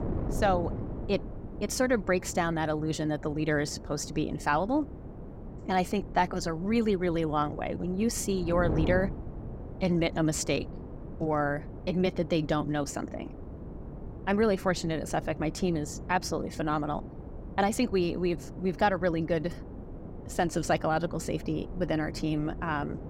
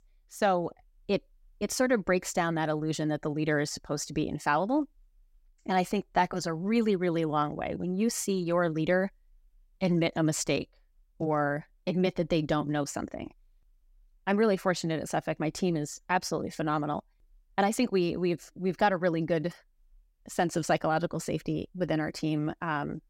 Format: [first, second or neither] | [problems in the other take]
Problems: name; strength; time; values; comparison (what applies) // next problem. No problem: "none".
second | wind noise on the microphone; occasional gusts; 15 dB below the speech